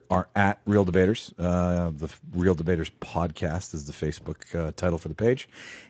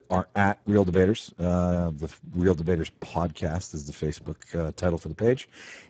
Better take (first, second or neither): first